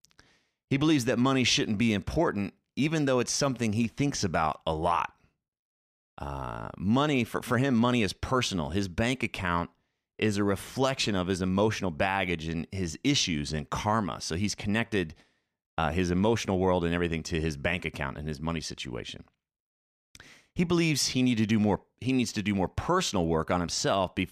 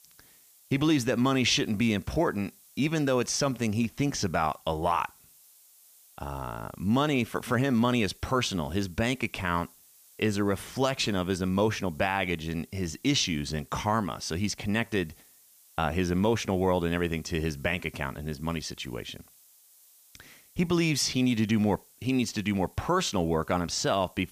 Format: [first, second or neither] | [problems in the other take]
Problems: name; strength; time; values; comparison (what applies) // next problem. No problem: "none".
first | hiss; faint; throughout; 25 dB below the speech